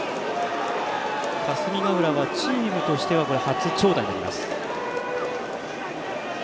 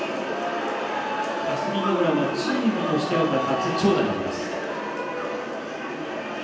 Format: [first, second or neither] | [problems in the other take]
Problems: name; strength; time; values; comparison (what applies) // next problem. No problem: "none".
first | room echo; dies away in 0.9 s